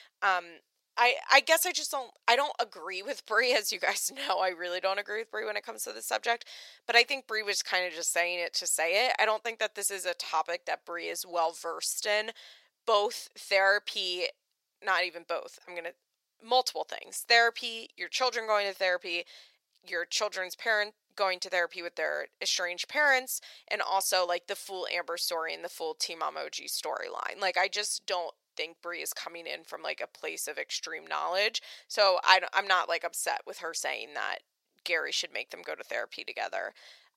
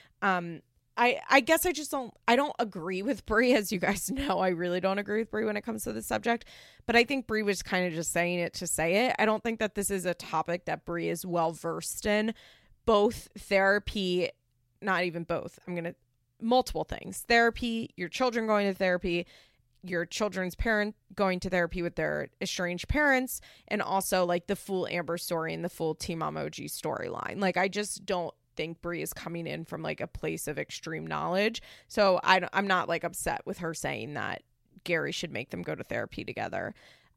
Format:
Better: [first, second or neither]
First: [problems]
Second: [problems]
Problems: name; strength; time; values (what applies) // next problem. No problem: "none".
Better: second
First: thin; very; fading below 550 Hz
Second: none